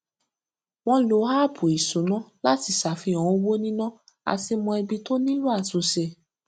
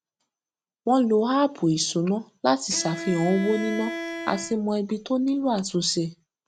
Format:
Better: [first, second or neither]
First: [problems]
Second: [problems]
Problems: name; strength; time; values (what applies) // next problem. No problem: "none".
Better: first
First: none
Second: background sound (Bowed string instrument); 10 dB below the speech